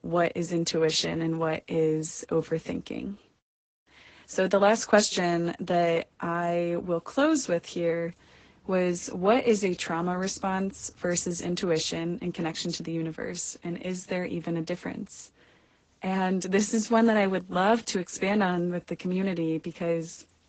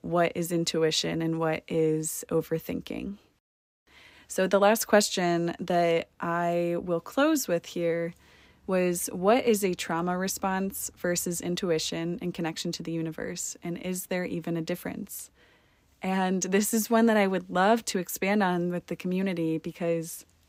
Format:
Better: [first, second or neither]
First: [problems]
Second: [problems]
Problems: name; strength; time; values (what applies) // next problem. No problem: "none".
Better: second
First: garbled, watery; badly; nothing above 8 kHz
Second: none